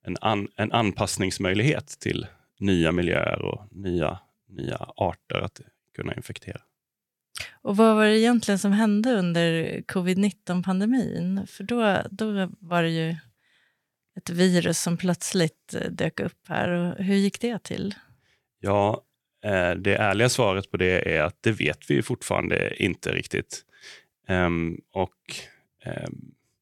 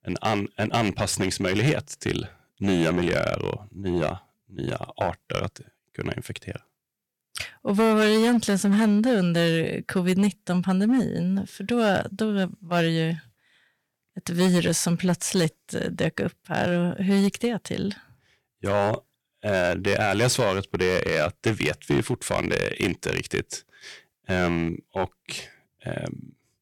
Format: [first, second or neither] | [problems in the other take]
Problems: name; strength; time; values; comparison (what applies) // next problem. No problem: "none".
first | distortion; slight; 5% of the sound clipped